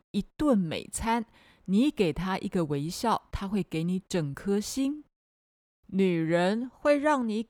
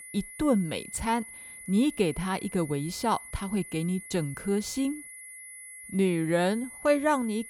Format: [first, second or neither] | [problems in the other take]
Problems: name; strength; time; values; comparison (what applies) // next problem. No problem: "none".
first | high-pitched whine; noticeable; throughout; 2 kHz, 15 dB below the speech